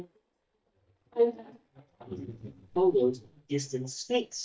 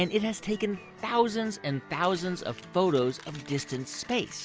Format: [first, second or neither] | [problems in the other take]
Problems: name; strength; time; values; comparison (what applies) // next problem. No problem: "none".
second | noise reduction (neural mask model DeepFilterNet 3)